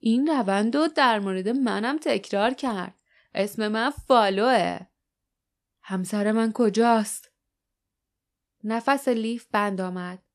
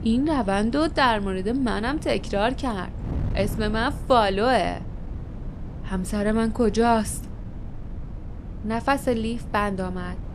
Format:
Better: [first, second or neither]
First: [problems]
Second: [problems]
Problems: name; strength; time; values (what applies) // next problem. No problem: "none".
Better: first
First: none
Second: wind noise on the microphone; occasional gusts; 20 dB below the speech